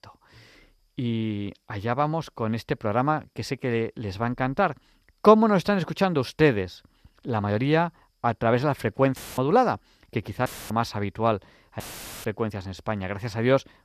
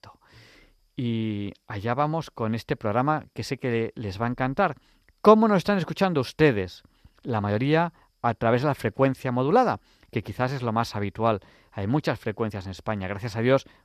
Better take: second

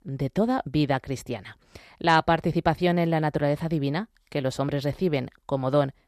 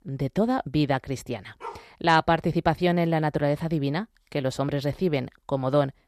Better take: first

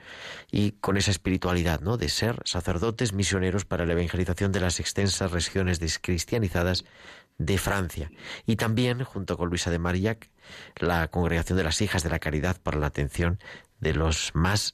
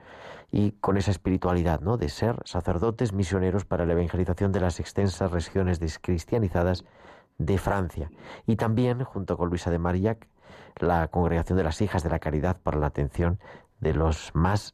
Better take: first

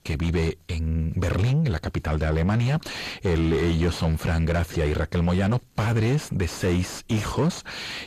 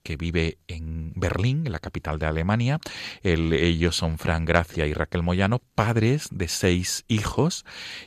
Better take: second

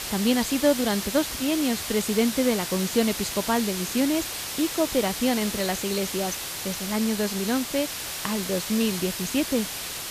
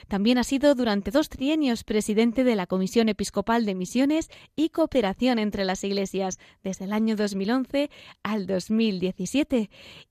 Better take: second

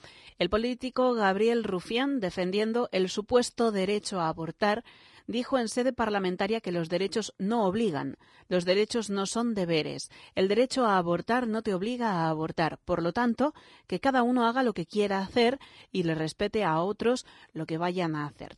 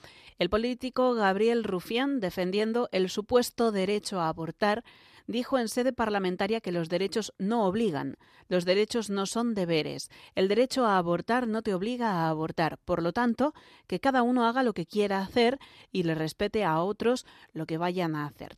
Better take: second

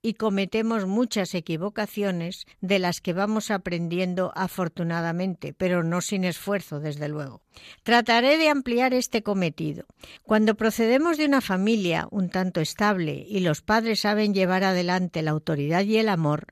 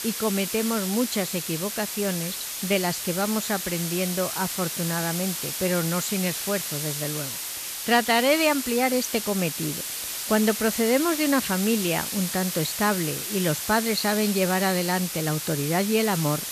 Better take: first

